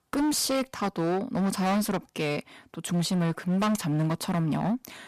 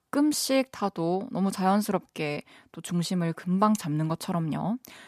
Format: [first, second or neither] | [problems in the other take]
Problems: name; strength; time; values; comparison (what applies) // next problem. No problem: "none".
second | distortion; heavy; 21% of the sound clipped